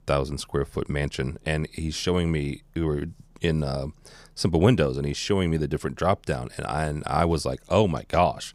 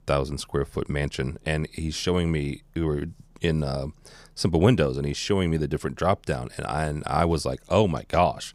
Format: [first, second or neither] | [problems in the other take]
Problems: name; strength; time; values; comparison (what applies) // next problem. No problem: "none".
neither | none